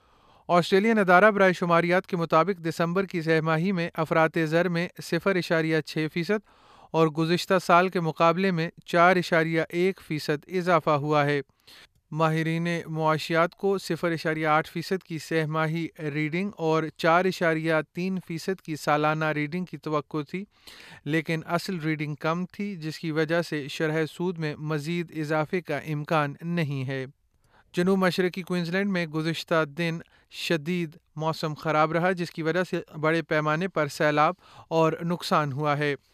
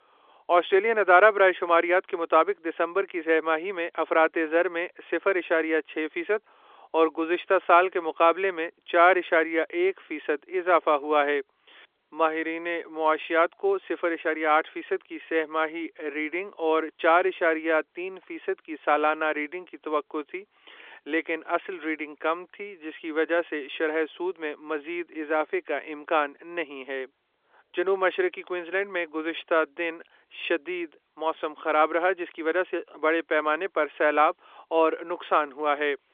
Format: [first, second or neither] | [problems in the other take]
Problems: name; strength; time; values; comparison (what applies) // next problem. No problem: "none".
first | phone-call audio; nothing above 3.5 kHz